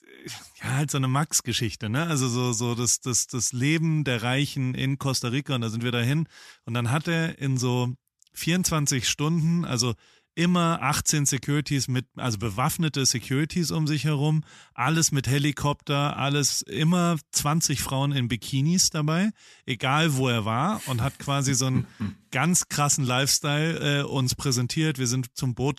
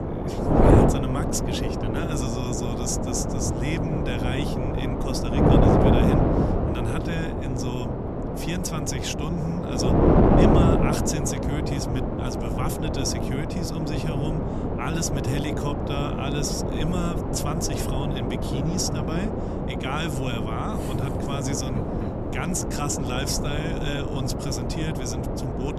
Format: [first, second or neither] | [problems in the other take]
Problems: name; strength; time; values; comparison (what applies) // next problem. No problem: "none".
first | wind noise on the microphone; heavy; 4 dB above the speech